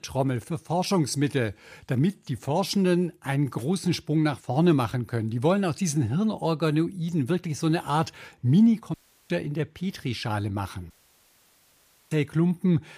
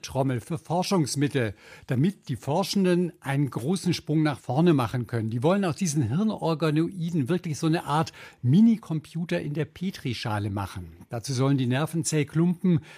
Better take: second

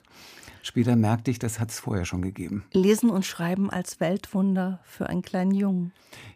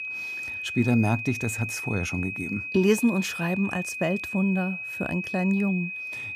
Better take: first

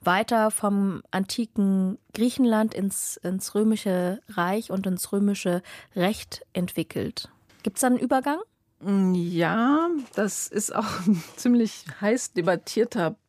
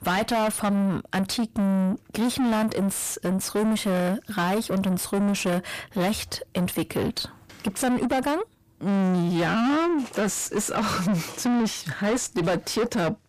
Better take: first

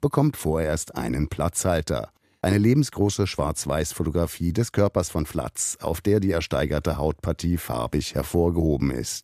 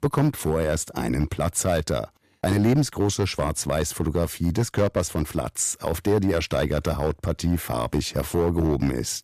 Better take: first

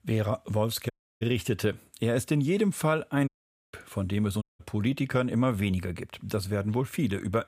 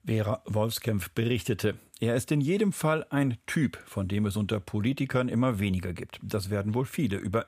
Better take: second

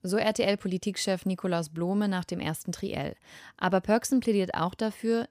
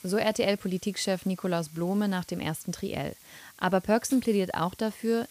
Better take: first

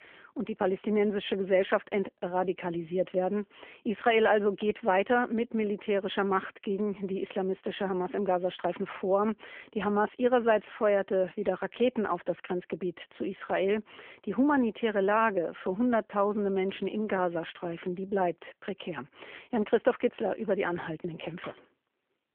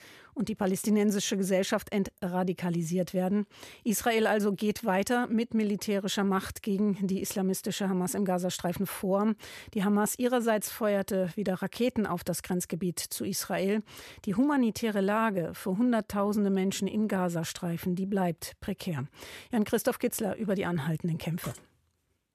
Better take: second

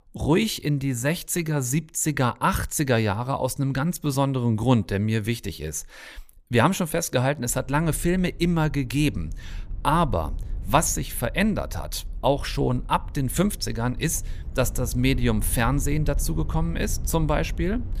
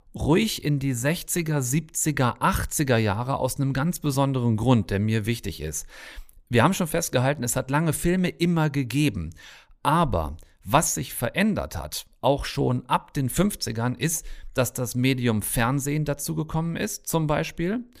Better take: second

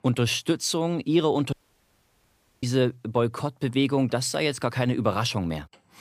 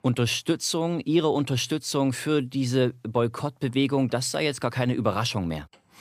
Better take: second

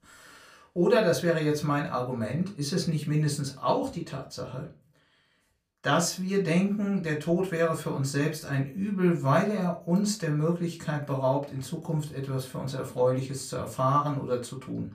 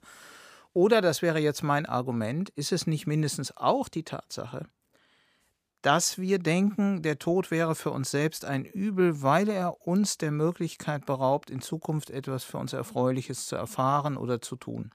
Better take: second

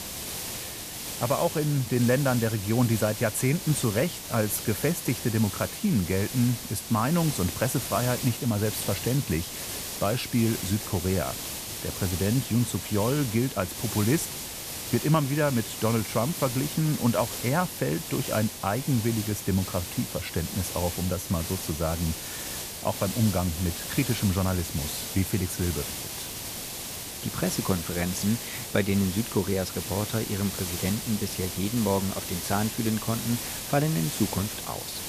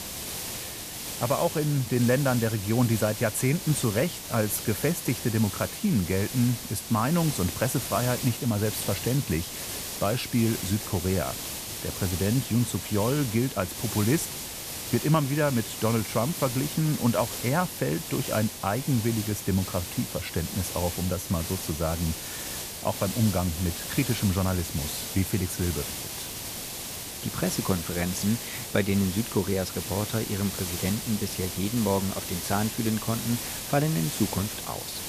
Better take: neither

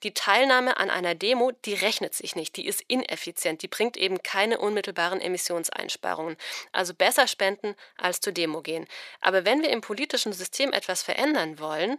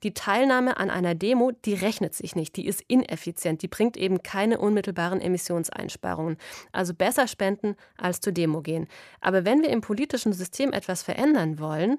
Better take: second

